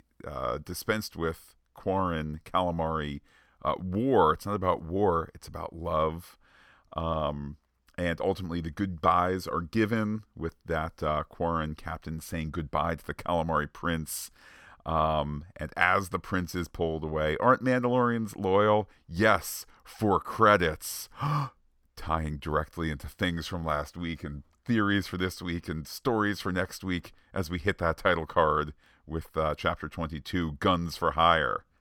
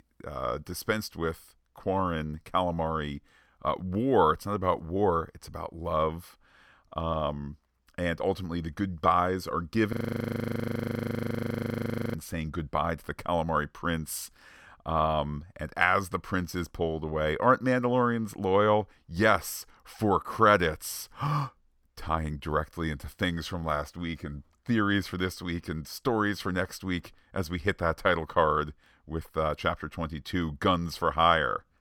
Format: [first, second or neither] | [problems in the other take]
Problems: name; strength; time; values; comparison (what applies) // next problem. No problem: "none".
first | audio freezing; at 10 s for 2 s